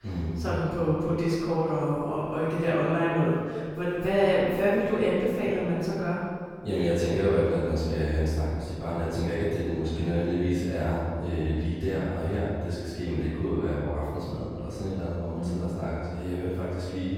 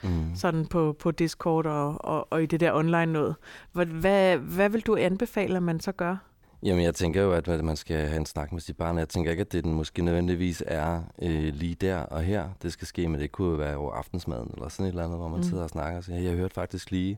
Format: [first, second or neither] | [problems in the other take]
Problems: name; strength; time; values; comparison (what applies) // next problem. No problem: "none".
second | room echo; strong; dies away in 1.8 s // off-mic speech; far